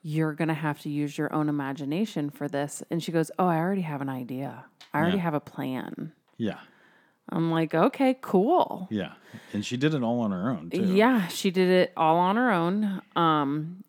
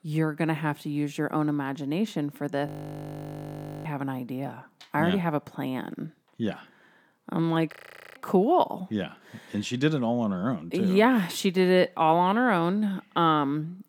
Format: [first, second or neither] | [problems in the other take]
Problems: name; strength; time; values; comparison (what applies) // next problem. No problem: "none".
first | audio freezing; at 2.5 s for 1 s and at 7.5 s